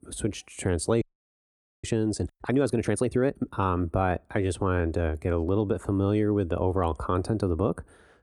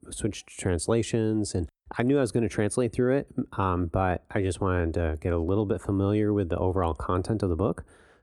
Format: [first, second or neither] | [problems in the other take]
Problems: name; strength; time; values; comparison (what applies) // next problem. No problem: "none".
second | audio freezing; at 1 s for 1 s